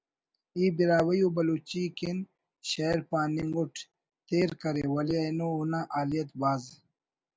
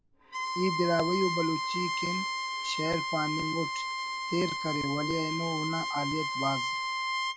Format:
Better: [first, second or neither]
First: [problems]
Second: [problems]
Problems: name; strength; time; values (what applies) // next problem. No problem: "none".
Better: first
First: none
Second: background sound (Bowed string instrument); as loud as the speech